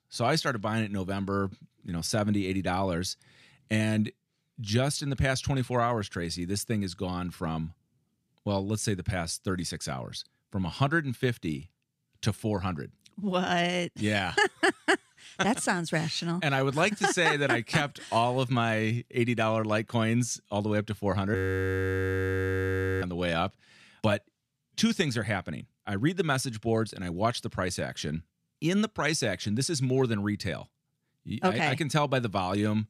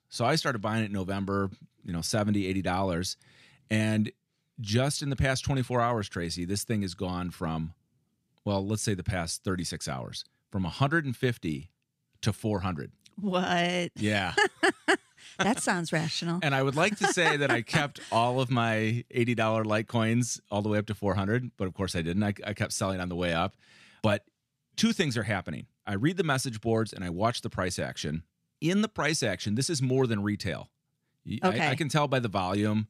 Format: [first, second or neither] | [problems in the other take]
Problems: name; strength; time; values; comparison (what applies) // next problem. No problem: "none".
second | audio freezing; at 21 s for 1.5 s